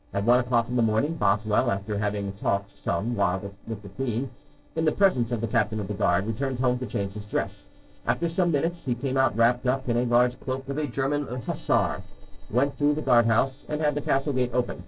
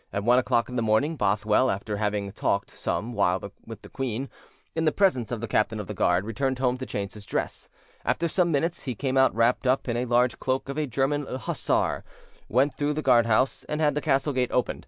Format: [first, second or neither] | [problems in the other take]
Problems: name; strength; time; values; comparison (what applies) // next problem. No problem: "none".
second | noise reduction (neural separator model SepFormer DNS4)